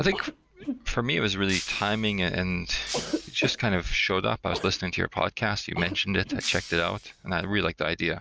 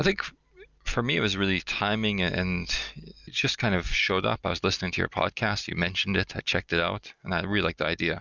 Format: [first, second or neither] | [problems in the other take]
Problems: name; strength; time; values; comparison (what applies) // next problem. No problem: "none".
second | background sound (Shatter + Cough); 10 dB below the speech